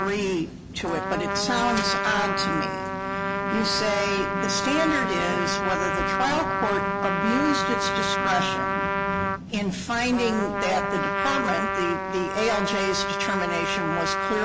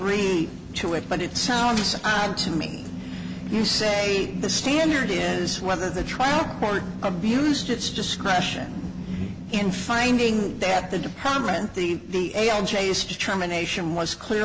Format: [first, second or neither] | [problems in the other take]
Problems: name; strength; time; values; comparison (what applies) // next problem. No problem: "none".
second | background sound (Trumpet); as loud as the speech